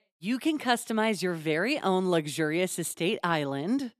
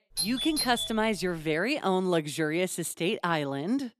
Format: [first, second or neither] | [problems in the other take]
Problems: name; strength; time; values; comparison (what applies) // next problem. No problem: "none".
first | doorbell; noticeable; until 1.5 s; peak 1 dB below the speech